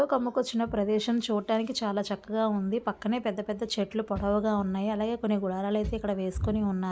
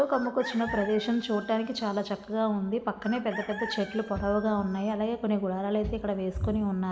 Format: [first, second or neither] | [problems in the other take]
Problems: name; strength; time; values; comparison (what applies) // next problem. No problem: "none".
first | background sound (Chicken, rooster); 14 dB below the speech // room echo; dies away in 1.3 s